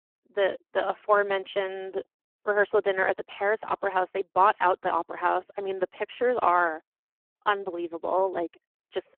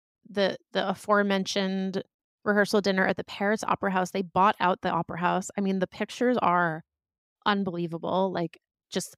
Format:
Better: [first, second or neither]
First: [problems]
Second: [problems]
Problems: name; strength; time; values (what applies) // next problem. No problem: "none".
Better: second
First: phone-call audio; poor line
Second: none